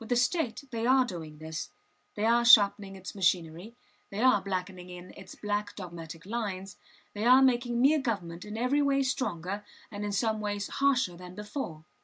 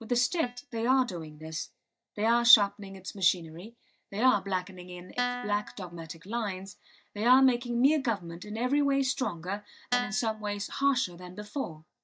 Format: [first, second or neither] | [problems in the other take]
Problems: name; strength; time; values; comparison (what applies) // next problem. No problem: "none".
first | noise reduction (neural mask model DeepFilterNet 3)